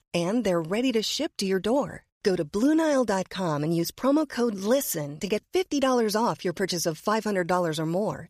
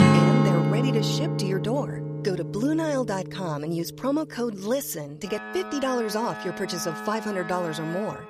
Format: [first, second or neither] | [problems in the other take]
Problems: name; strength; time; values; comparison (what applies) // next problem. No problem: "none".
first | background music; very loud; throughout; 1 dB above the speech